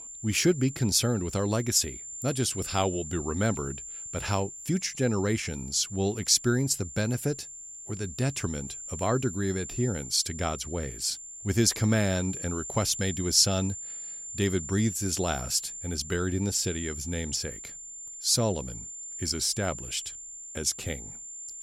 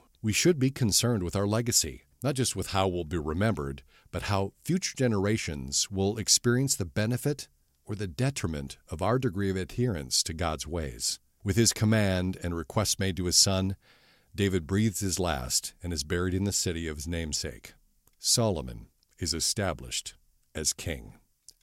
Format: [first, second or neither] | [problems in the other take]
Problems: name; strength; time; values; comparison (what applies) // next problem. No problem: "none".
second | high-pitched whine; loud; throughout; 7 kHz, 10 dB below the speech